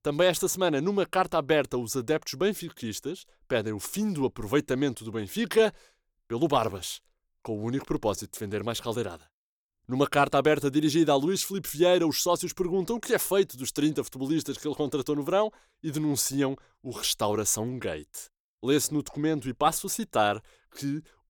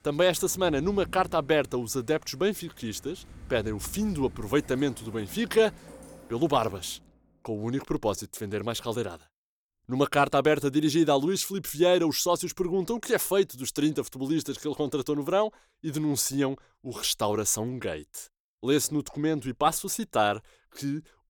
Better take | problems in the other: first | rain or running water; faint; until 6.5 s; 20 dB below the speech

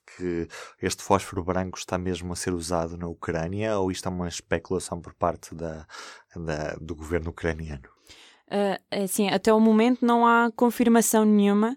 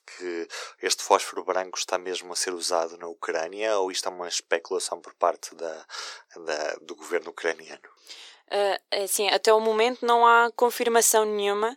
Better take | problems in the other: first | thin; very; fading below 400 Hz

